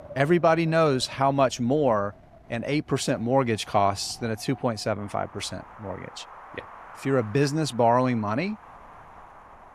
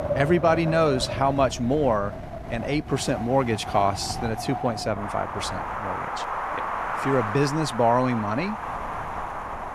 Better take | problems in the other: first | wind in the background; loud; throughout; 7 dB below the speech; faint in the first

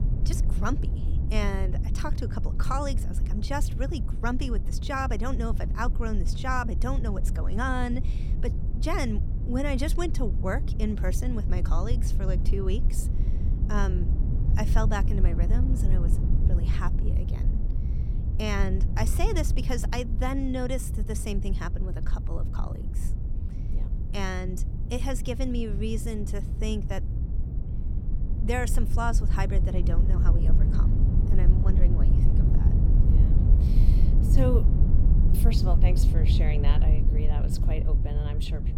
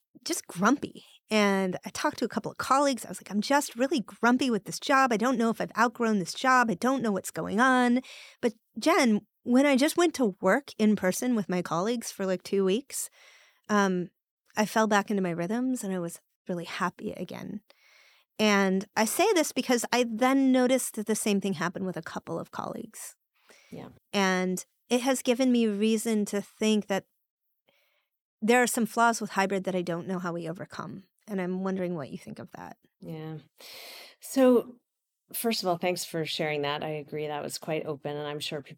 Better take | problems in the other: second | low rumble; loud; throughout; 8 dB below the speech

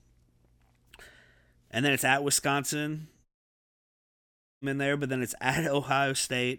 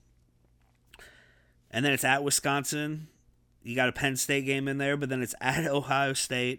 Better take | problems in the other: second | audio cutting out; at 3.5 s for 1.5 s

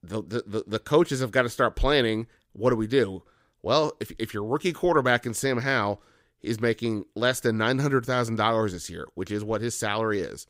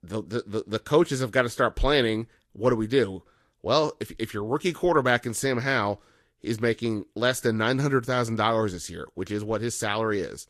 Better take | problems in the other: first | garbled, watery; slightly; nothing above 12.5 kHz

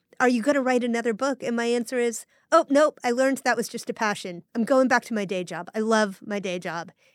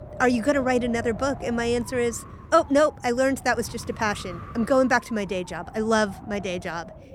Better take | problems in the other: first | wind noise on the microphone; occasional gusts; 15 dB below the speech

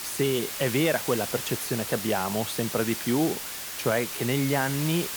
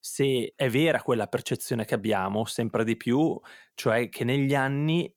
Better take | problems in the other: second | hiss; loud; throughout; 5 dB below the speech

